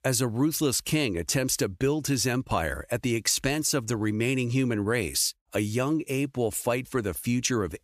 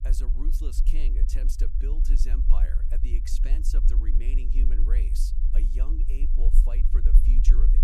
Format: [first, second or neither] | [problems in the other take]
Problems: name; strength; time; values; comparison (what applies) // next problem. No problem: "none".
first | low rumble; loud; throughout; 4 dB below the speech